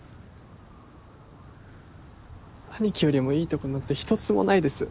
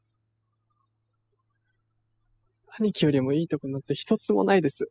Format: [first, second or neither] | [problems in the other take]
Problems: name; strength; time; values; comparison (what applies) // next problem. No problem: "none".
first | noise reduction (classical method spectral subtraction)